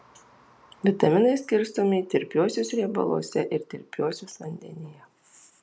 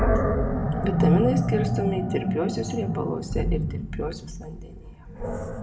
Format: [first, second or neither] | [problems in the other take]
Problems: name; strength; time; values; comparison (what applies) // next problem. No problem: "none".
first | background sound (Animal); 5 dB above the speech // room echo; dies away in 0.5 s